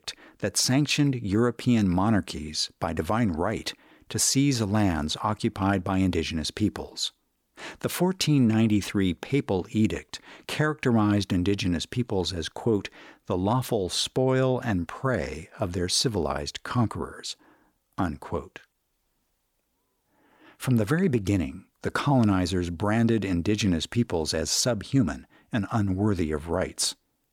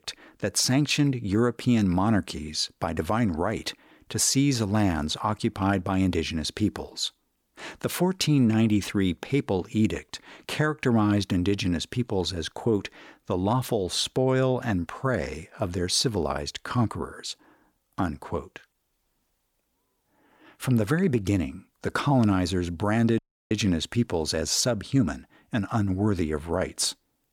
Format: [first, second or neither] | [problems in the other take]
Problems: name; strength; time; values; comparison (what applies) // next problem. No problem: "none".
first | audio cutting out; at 23 s